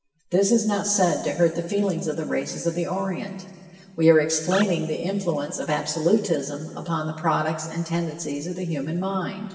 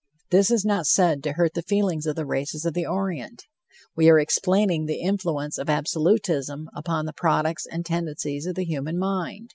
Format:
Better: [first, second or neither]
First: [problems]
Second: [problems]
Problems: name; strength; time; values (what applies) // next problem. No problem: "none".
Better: second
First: background sound (Animal); 13 dB below the speech // room echo; dies away in 2 s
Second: none